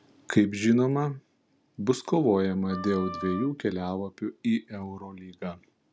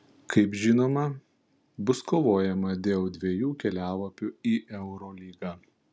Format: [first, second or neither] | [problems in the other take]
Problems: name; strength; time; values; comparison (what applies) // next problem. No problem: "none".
second | background sound (Wind instrument, woodwind instrument); 12 dB below the speech